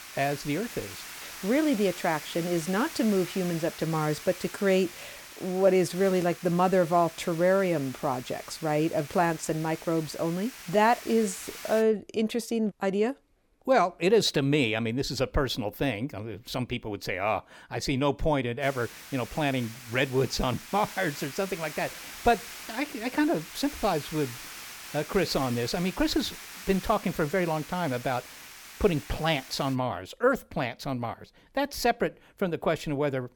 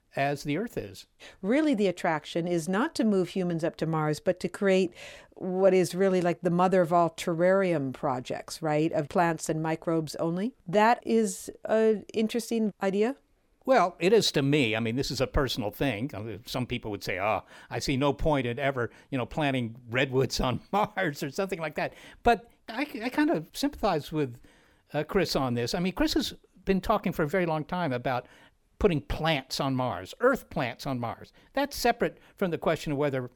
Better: second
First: hiss; noticeable; until 12 s and from 19 to 30 s; 15 dB below the speech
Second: none

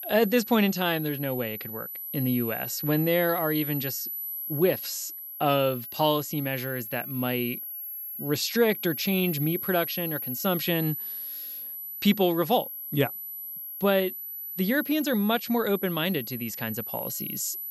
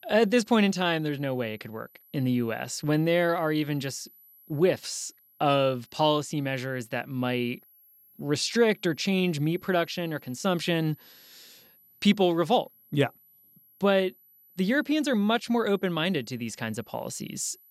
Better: second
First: high-pitched whine; loud; throughout; 12 kHz, 6 dB below the speech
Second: high-pitched whine; faint; throughout; 12 kHz, 30 dB below the speech

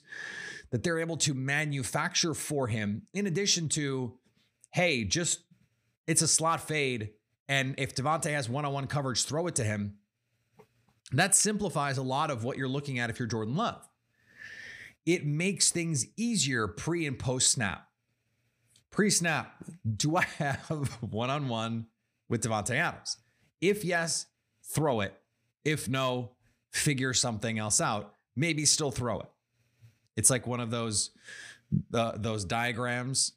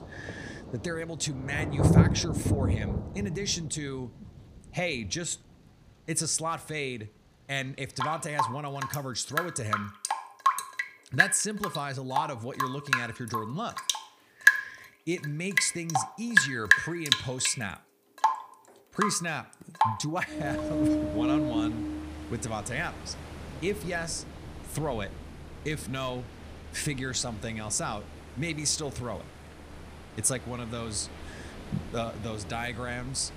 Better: first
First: none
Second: rain or running water; very loud; throughout; 4 dB above the speech

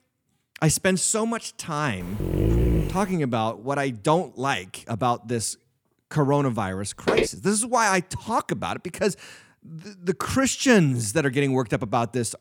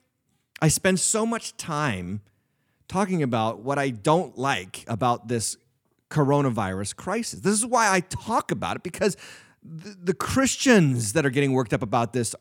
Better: second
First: dog barking; loud; at 2 s; peak 2 dB above the speech // footsteps; loud; at 7 s; peak 1 dB above the speech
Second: none

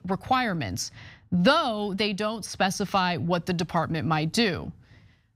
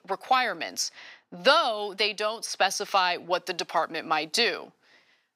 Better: first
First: none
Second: thin; very; fading below 400 Hz

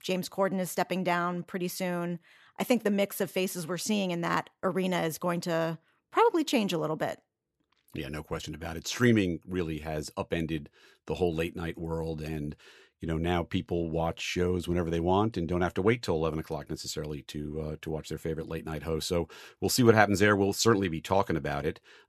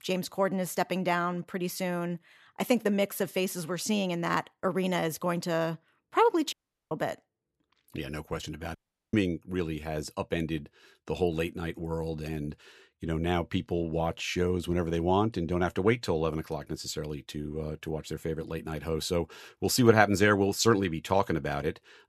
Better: first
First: none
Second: audio cutting out; at 6.5 s and at 9 s

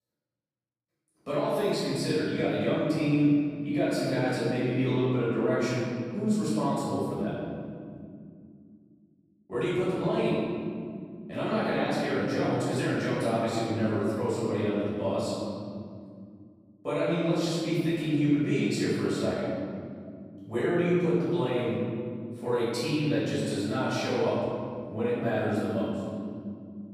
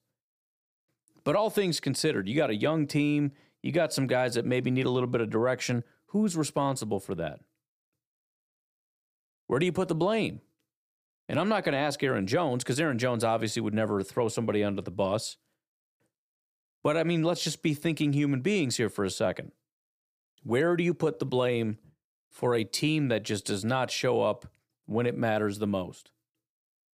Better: second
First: off-mic speech; far // room echo; strong; dies away in 2.6 s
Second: none

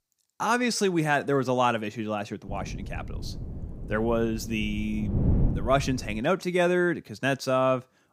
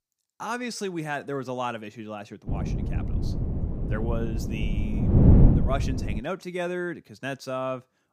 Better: first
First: wind noise on the microphone; occasional gusts; from 2.5 to 6 s; 15 dB below the speech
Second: wind noise on the microphone; heavy; from 2.5 to 6 s; 2 dB below the speech

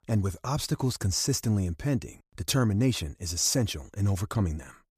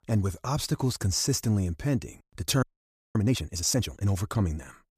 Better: first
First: none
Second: audio freezing; at 2.5 s for 0.5 s

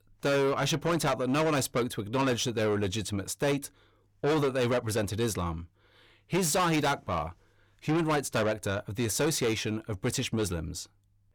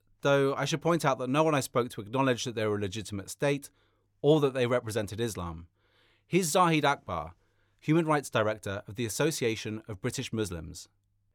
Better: second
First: distortion; heavy; 7 dB below the speech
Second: none

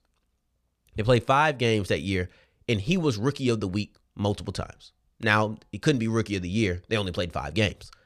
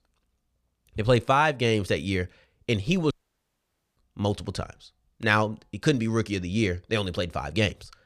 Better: first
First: none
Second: audio cutting out; at 3 s for 1 s

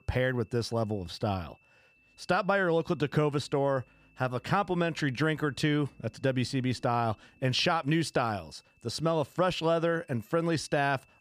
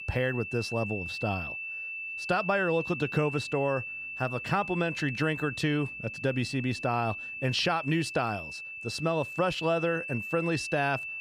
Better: first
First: high-pitched whine; faint; throughout; 2.5 kHz, 35 dB below the speech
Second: high-pitched whine; loud; throughout; 2.5 kHz, 6 dB below the speech

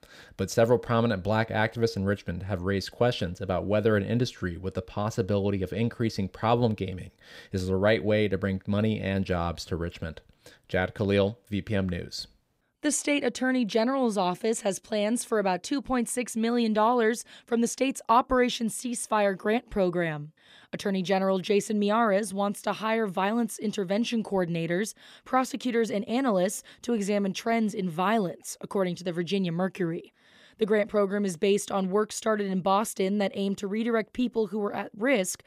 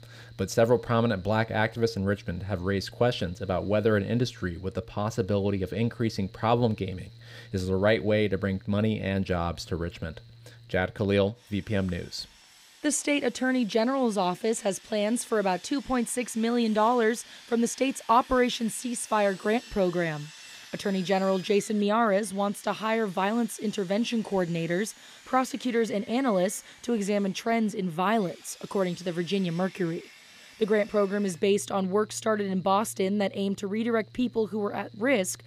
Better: first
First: none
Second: machinery noise; faint; throughout; 20 dB below the speech

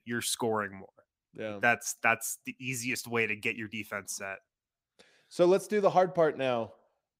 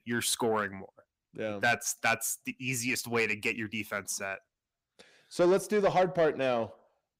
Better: first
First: none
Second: distortion; slight; 10 dB below the speech

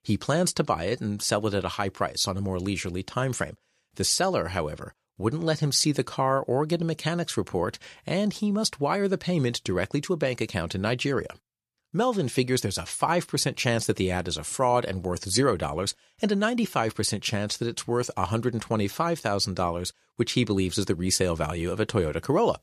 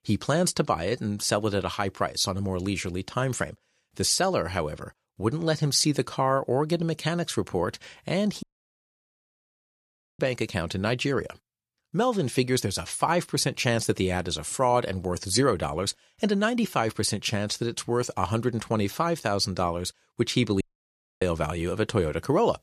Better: first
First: none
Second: audio cutting out; at 8.5 s for 2 s and at 21 s for 0.5 s

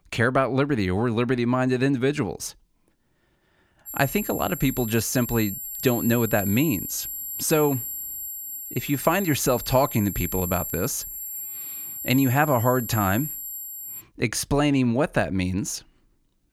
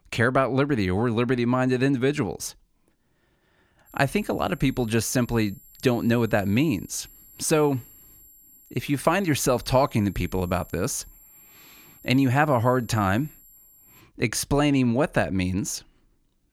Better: second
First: high-pitched whine; loud; from 4 to 14 s; 11.5 kHz, 7 dB below the speech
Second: high-pitched whine; faint; from 4 to 14 s; 11.5 kHz, 25 dB below the speech

